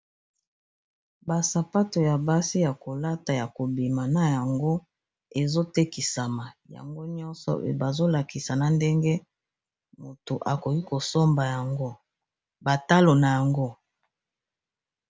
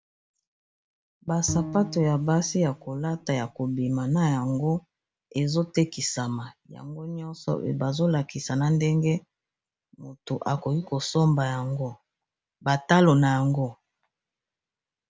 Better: first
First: none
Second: background sound (Bowed string instrument); 12 dB below the speech

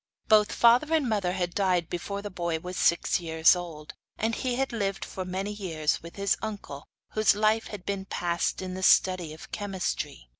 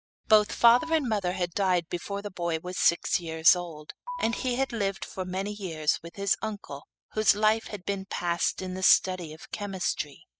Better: first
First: none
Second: noise reduction (classical method spectral subtraction)

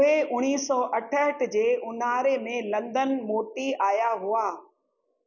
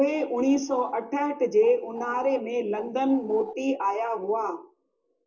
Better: first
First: none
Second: noise reduction (neural separator model SepFormer DNS4)

